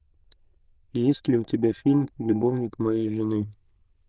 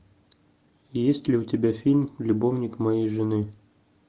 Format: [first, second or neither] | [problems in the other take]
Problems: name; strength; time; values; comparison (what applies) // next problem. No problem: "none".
second | noise reduction (neural diffusion model UNIVERSE++)